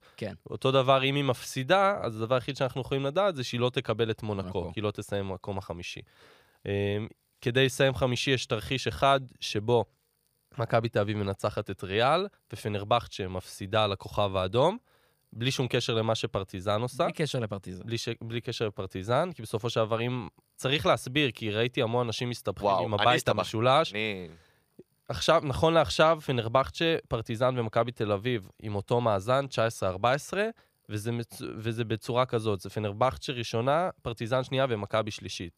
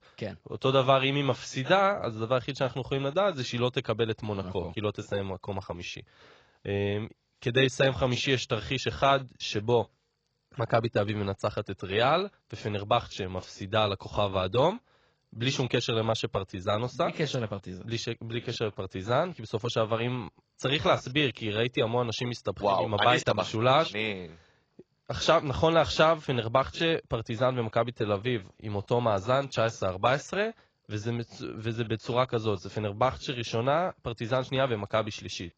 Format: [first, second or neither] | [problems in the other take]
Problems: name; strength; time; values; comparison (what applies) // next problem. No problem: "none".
first | garbled, watery; badly; nothing above 7.5 kHz